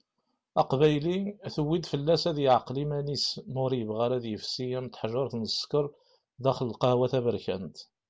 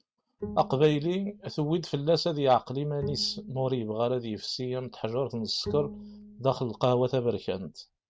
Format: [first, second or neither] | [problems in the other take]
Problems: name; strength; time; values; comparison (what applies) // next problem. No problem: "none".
first | noise reduction (neural mask model RNNoise)